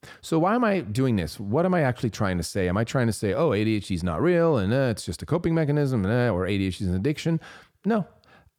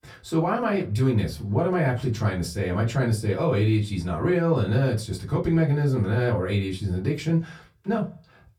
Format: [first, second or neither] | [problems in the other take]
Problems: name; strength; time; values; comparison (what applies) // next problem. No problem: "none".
first | off-mic speech; far // room echo; very slight; dies away in 0.2 s